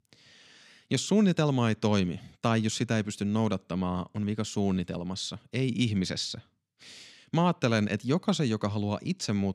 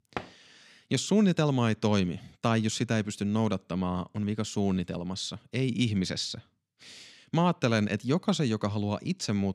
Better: first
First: none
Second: door banging; faint; at the start; peak 10 dB below the speech

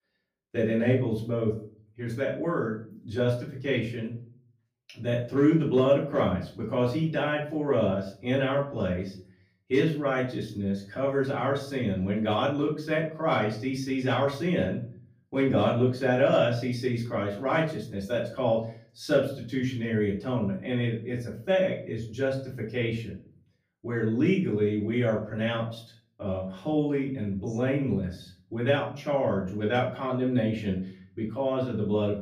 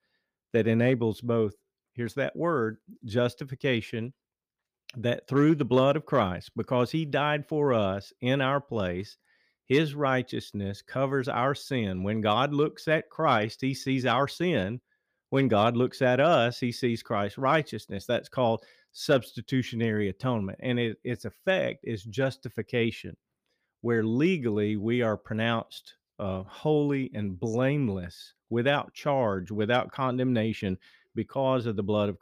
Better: second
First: off-mic speech; far // room echo; slight; dies away in 0.4 s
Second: none

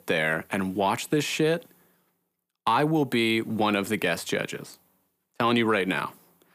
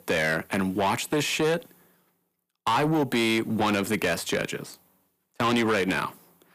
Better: first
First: none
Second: distortion; slight; 9% of the sound clipped

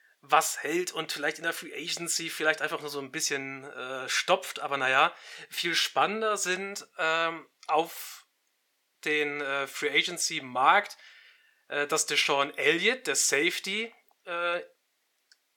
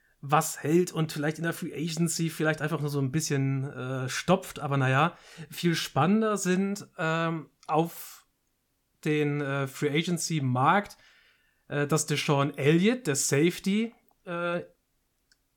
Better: second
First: thin; very; fading below 550 Hz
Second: none

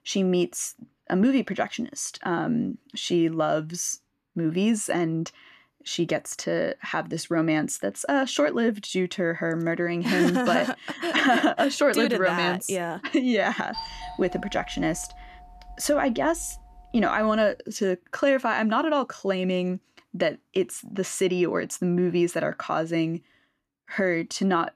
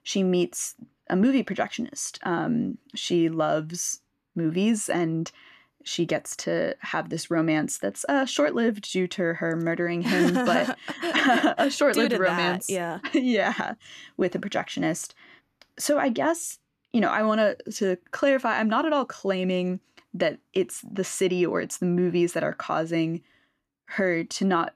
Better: second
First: doorbell; noticeable; from 14 to 17 s; peak 10 dB below the speech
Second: none

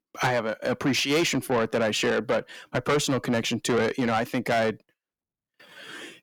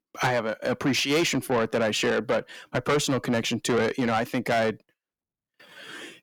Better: neither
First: distortion; heavy; 6 dB below the speech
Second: distortion; heavy; 6 dB below the speech

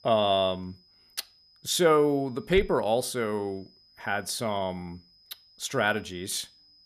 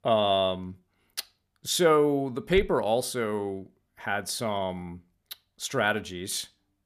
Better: second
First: high-pitched whine; faint; throughout; 5 kHz, 30 dB below the speech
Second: none

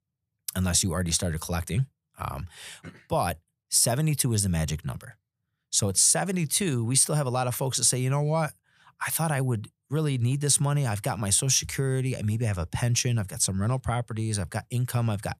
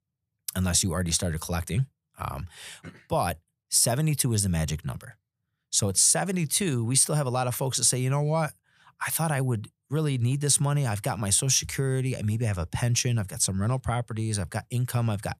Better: neither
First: none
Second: none

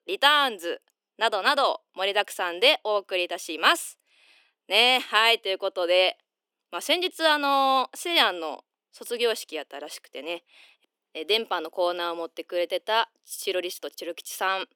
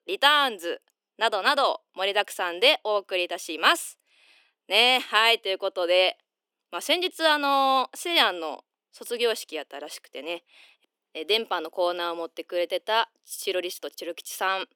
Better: neither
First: thin; somewhat; fading below 300 Hz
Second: thin; somewhat; fading below 300 Hz

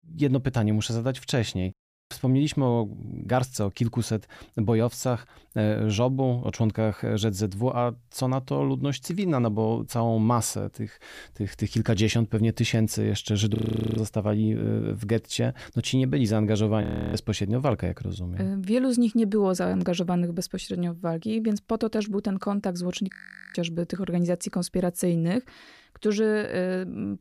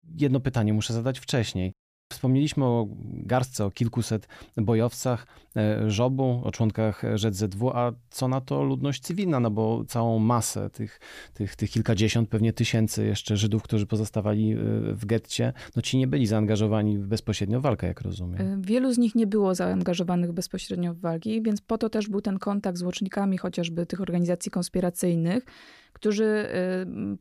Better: second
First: audio freezing; at 14 s, at 17 s and at 23 s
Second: none

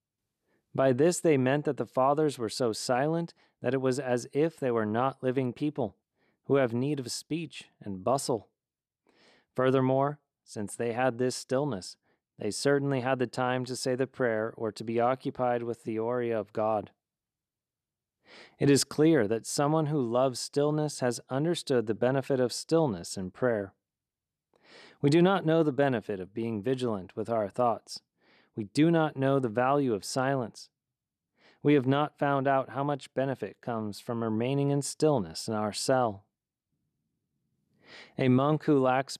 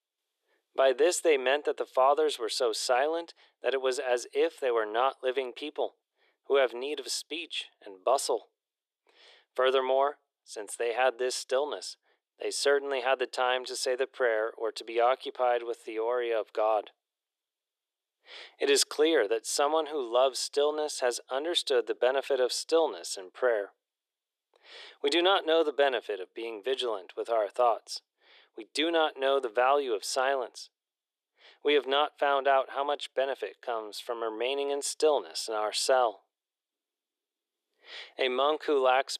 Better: first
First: none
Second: thin; very; fading below 400 Hz

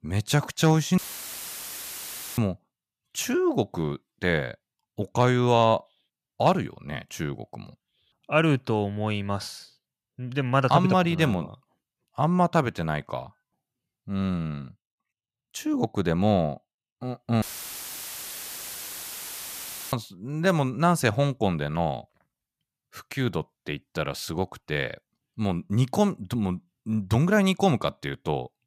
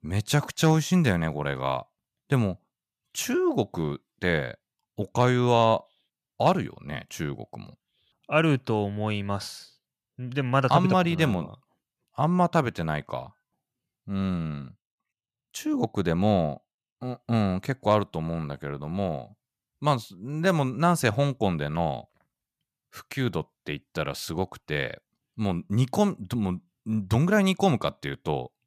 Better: second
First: audio cutting out; filled with static; at 1 s for 1.5 s and at 17 s for 2.5 s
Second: none

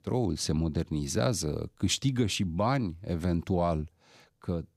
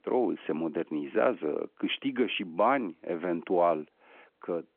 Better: first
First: none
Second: phone-call audio; nothing above 3.5 kHz

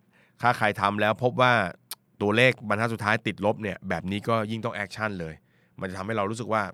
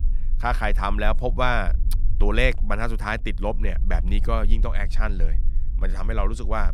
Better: first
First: none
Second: low rumble; faint; throughout; 25 dB below the speech

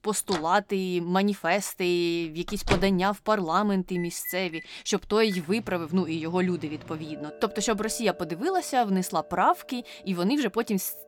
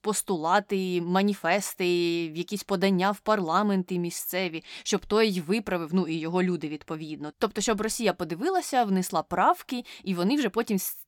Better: second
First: household noises; noticeable; throughout; 15 dB below the speech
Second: none

